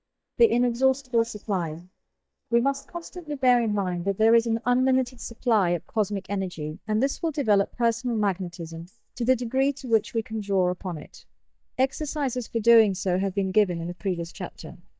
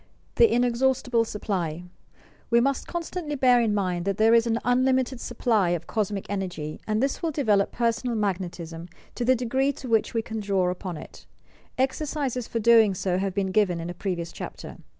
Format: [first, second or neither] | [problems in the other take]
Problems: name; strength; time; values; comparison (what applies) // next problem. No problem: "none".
second | noise reduction (neural mask model DeepFilterNet 3)